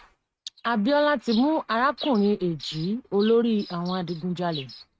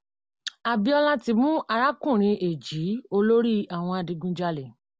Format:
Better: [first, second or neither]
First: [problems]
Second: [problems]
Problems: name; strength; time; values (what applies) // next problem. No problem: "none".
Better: second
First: noise reduction (neural mask model RNNoise)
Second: none